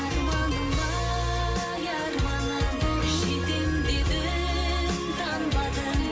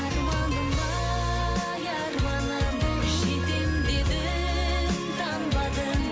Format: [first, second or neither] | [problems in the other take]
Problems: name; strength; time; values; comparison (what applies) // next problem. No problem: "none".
second | room echo; dies away in 2.3 s